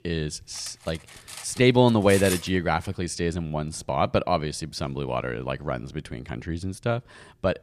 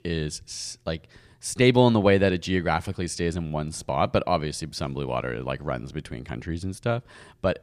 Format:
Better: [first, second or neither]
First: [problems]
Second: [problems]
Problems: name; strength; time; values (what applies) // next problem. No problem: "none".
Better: second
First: clattering dishes; noticeable; from 0.5 to 2.5 s; peak 4 dB below the speech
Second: none